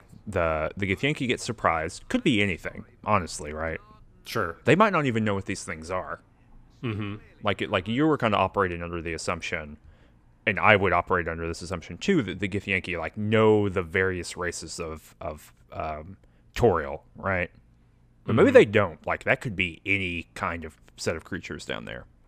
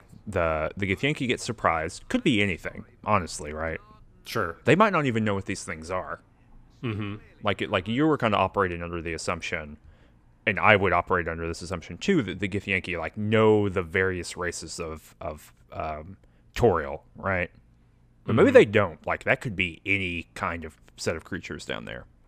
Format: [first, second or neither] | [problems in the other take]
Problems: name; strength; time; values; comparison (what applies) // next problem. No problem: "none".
neither | none